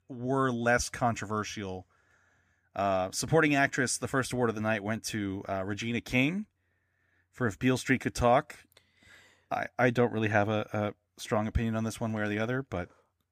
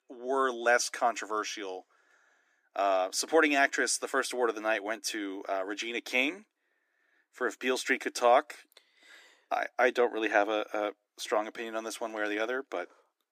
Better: first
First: none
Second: thin; somewhat; fading below 300 Hz

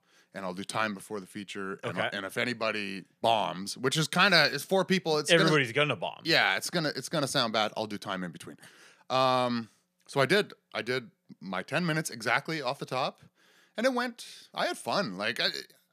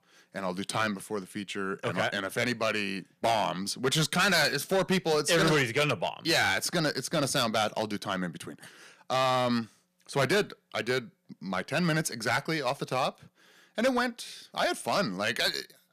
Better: first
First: none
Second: distortion; heavy; 6% of the sound clipped

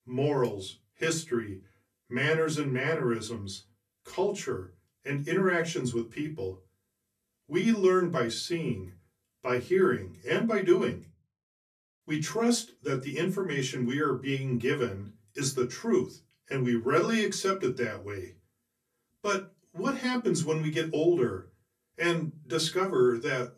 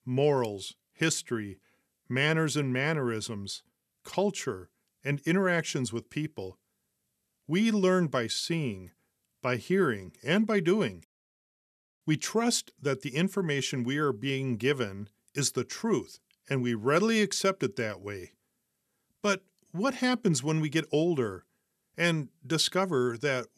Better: second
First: off-mic speech; far // room echo; very slight; dies away in 0.2 s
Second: none

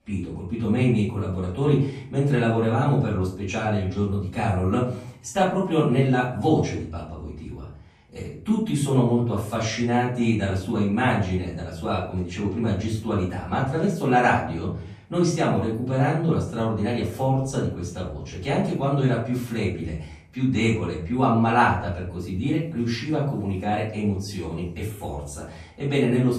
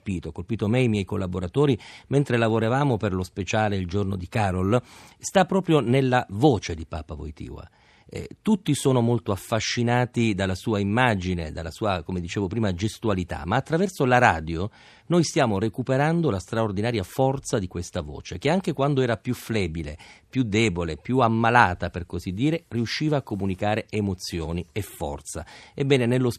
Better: second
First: off-mic speech; far // room echo; noticeable; dies away in 0.5 s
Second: none

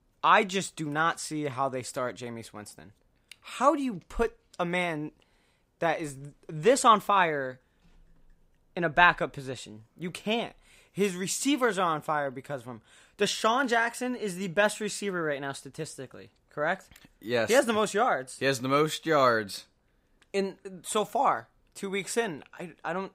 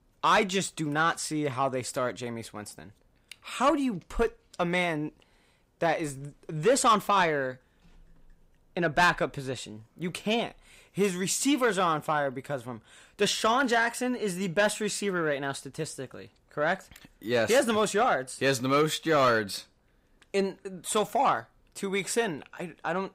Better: first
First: none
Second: distortion; slight; 10 dB below the speech

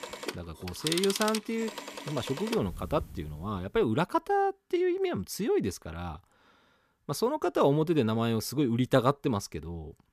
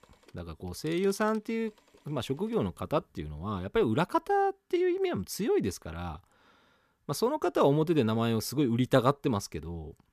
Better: second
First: alarms or sirens; loud; until 3.5 s; 7 dB below the speech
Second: alarms or sirens; faint; until 3.5 s; 30 dB below the speech

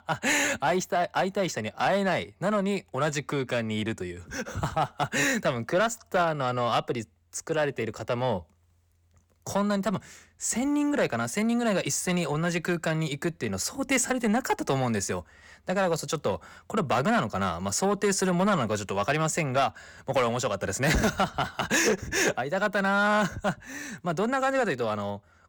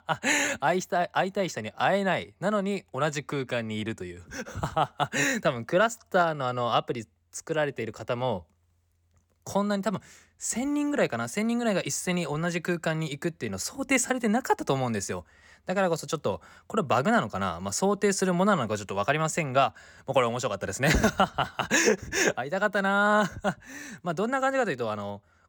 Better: second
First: distortion; slight; 10 dB below the speech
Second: none

